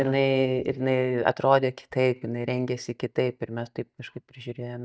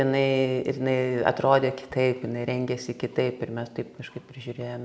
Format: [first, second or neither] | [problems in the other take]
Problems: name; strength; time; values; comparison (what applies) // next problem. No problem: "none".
second | noise reduction (neural mask model DeepFilterNet 3)